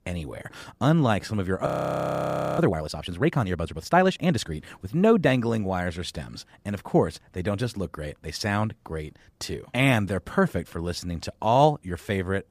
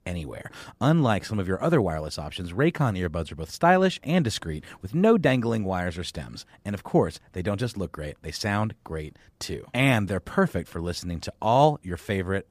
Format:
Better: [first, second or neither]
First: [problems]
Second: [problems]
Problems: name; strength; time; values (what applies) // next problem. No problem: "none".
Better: second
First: audio freezing; at 1.5 s for 1 s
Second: none